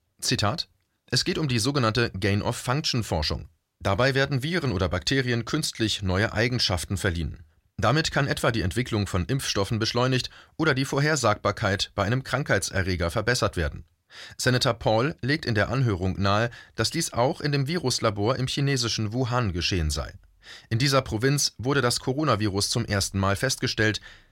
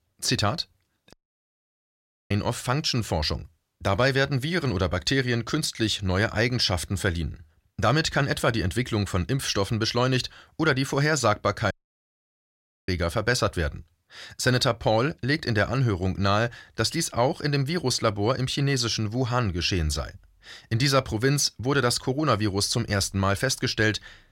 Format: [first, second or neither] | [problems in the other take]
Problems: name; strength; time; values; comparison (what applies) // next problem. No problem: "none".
first | audio cutting out; at 1 s for 1 s and at 12 s for 1 s